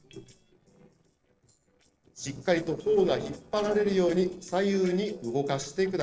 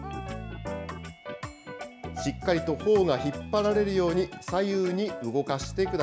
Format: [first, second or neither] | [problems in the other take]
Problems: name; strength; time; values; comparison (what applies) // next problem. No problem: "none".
second | noise reduction (neural separator model SepFormer DNS4)